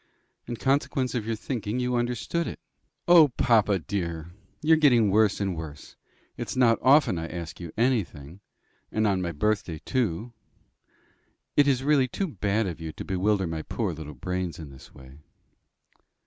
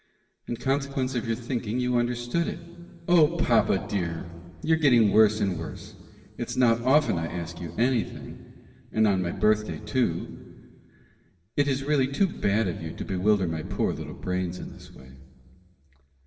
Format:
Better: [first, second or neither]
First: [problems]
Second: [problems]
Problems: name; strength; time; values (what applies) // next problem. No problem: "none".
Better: first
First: none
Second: room echo; dies away in 2 s